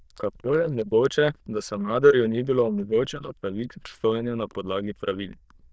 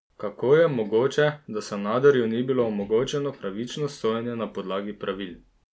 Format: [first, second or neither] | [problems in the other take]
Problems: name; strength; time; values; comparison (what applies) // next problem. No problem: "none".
second | noise reduction (neural diffusion model UNIVERSE++)